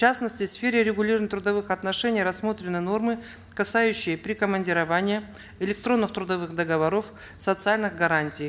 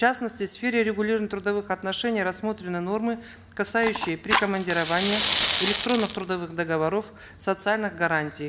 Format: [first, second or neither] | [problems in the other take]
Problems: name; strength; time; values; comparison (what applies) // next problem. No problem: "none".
first | background sound (Fire); 3 dB below the speech